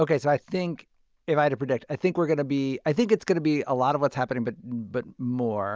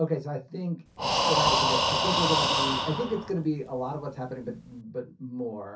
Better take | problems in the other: first | background sound (Breathing); 4 dB above the speech // room echo; dies away in 0.3 s

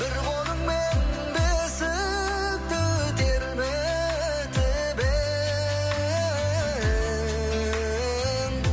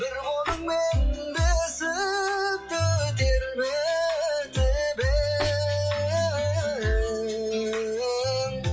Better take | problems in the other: first | noise reduction (classical method log-MMSE)

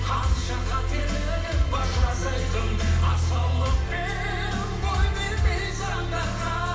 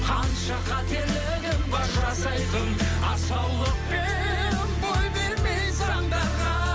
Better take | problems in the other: second | room echo; dies away in 0.9 s

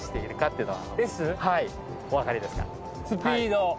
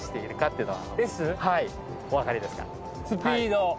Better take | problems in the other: second | background sound (Thump, thud); 16 dB below the speech

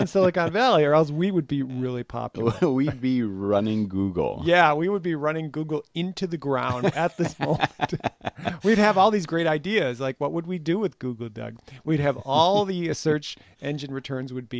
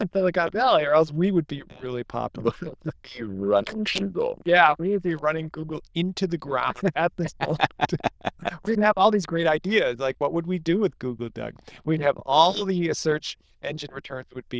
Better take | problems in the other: first | noise reduction (neural diffusion model UNIVERSE++)

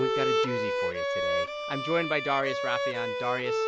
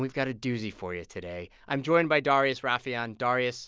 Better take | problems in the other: second | background sound (Bowed string instrument); 3 dB above the speech

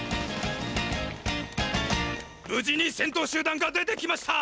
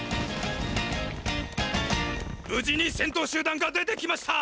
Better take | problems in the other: first | background sound (Wind); 9 dB below the speech

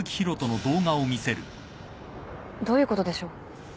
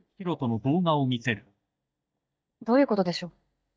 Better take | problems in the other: first | noise reduction (neural mask model DeepFilterNet 3)

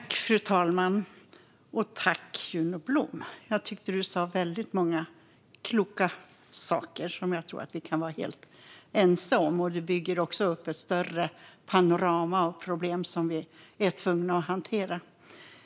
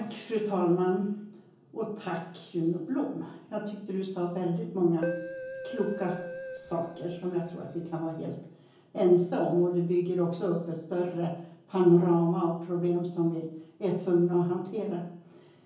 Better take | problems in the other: first | background sound (Keyboard (musical)); 10 dB below the speech // room echo; dies away in 0.7 s

